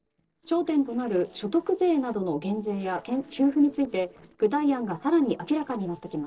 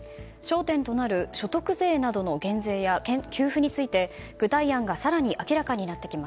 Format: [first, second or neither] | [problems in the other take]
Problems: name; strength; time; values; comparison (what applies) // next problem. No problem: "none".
second | noise reduction (neural separator model SepFormer DNS4)